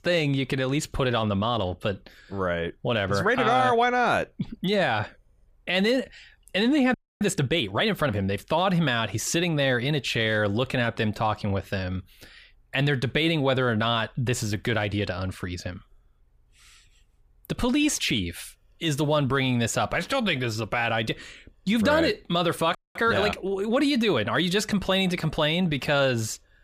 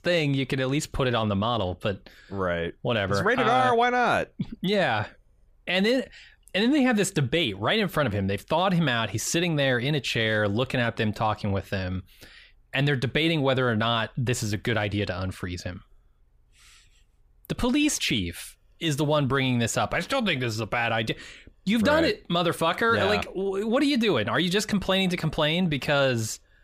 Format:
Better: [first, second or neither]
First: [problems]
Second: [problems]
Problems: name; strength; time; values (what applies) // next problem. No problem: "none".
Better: second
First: audio freezing; at 7 s and at 23 s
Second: none